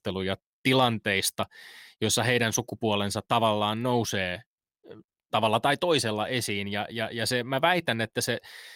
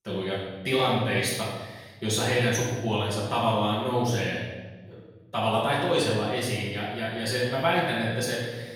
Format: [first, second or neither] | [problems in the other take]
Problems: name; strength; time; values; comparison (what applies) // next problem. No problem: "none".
first | room echo; noticeable; dies away in 1.2 s // off-mic speech; far